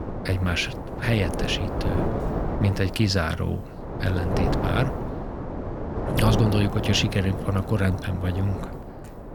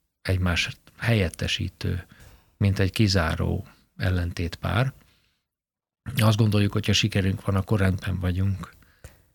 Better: second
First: wind noise on the microphone; heavy; 4 dB below the speech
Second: none

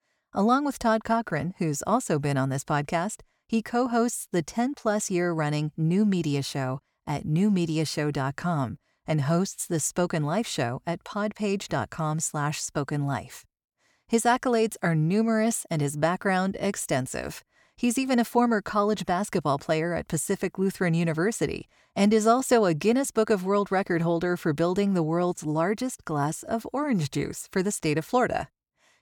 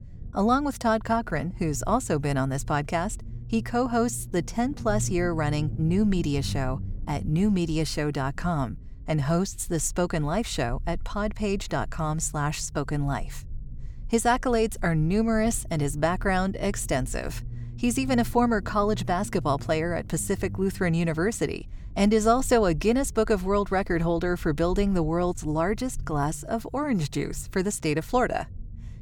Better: first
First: none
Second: low rumble; faint; throughout; 25 dB below the speech

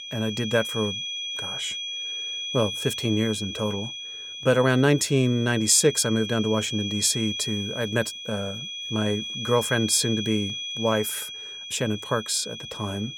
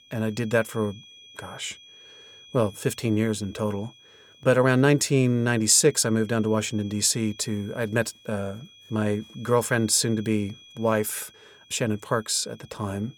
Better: second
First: high-pitched whine; loud; throughout; 3.5 kHz, 6 dB below the speech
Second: high-pitched whine; faint; throughout; 3.5 kHz, 25 dB below the speech

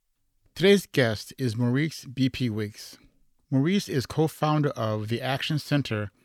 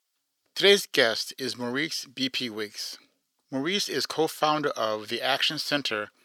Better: first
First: none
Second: thin; somewhat; fading below 450 Hz

